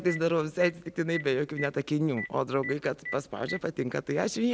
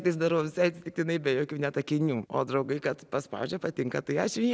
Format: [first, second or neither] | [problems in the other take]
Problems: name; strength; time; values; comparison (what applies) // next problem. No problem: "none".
second | background sound (Telephone); 13 dB below the speech